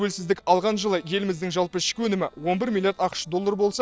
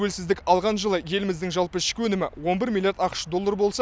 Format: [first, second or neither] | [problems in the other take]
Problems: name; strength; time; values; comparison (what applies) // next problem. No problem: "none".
second | noise reduction (neural separator model SepFormer DNS4)